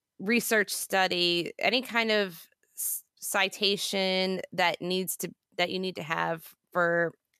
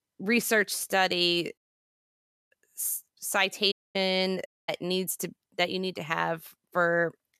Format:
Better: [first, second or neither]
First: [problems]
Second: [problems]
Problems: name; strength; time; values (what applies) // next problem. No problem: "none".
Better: first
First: none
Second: audio cutting out; at 1.5 s for 1 s, at 3.5 s and at 4.5 s